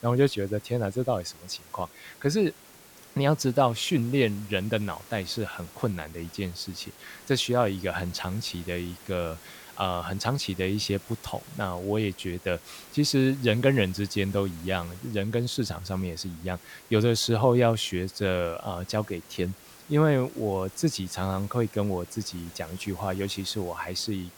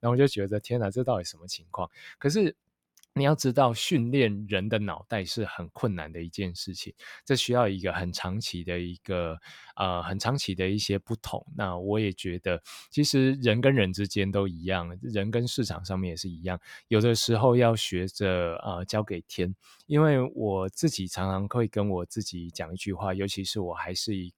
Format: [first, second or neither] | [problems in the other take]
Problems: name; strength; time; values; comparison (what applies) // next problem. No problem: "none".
second | hiss; noticeable; throughout; 20 dB below the speech